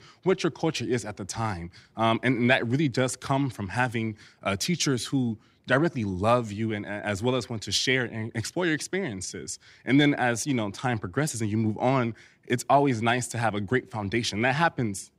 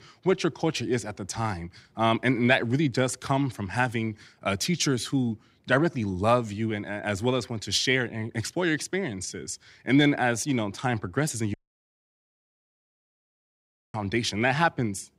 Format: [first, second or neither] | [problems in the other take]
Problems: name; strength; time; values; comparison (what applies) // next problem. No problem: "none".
first | audio cutting out; at 12 s for 2.5 s